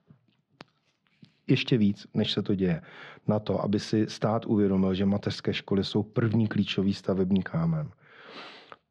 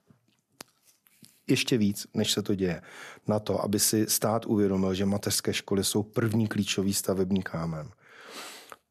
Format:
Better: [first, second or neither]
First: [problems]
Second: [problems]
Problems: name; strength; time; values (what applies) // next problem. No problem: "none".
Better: second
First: muffled; slightly; fading above 4 kHz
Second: none